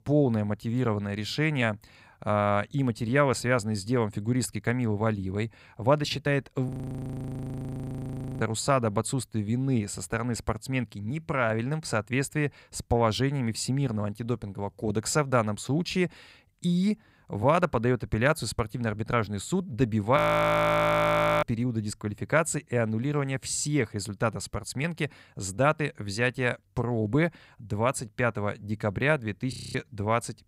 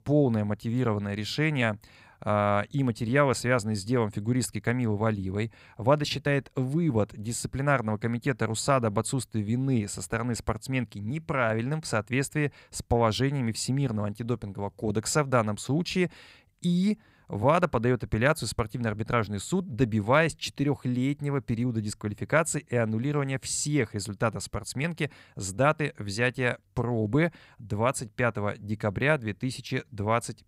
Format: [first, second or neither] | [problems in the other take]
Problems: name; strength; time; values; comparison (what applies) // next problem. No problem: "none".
second | audio freezing; at 6.5 s for 1.5 s, at 20 s for 1.5 s and at 30 s